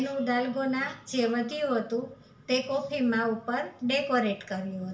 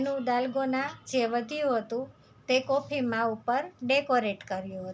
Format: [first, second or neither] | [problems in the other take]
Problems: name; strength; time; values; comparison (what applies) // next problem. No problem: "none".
second | room echo; dies away in 0.5 s